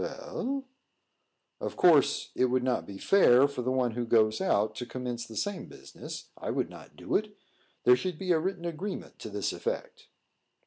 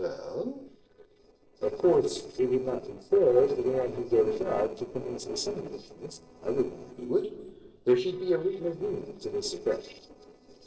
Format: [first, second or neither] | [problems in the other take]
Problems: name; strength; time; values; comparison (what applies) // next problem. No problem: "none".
first | noise reduction (neural separator model SepFormer DNS4)